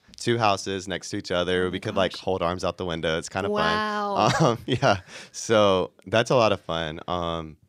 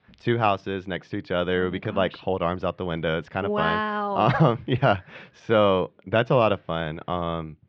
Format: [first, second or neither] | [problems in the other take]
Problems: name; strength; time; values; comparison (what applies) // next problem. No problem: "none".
first | muffled; very; fading above 3 kHz